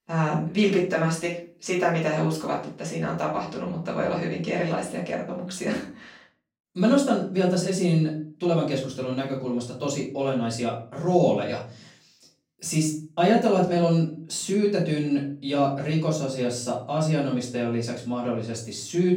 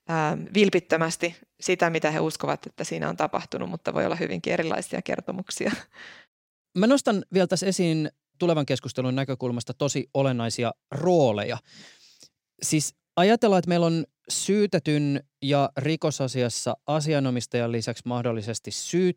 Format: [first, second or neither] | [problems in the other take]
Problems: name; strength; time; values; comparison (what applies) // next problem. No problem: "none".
second | off-mic speech; far // room echo; slight; dies away in 0.4 s